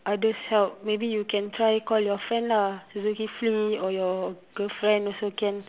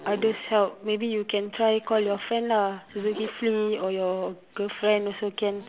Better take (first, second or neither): first